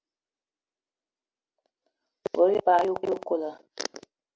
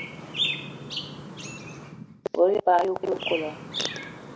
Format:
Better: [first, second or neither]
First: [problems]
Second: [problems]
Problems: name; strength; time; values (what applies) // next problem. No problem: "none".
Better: first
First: none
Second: background sound (Chirp, tweet); 7 dB below the speech